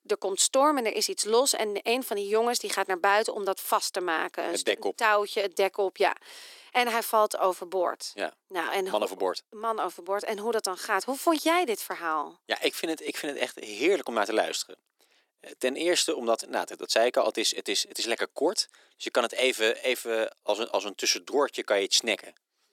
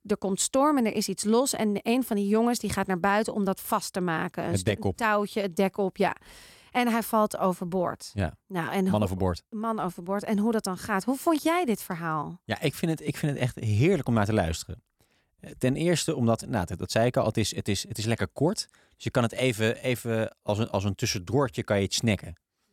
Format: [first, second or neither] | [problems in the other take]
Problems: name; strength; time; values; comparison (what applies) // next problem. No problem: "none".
second | thin; very; fading below 300 Hz